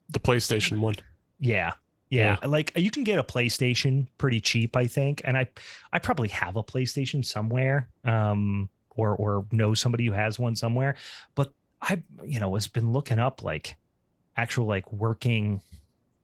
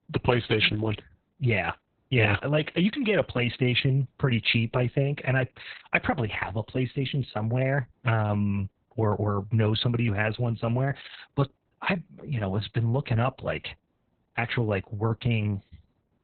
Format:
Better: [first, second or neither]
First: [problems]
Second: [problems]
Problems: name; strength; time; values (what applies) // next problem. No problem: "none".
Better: first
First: garbled, watery; slightly; nothing above 19 kHz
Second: garbled, watery; badly; nothing above 4 kHz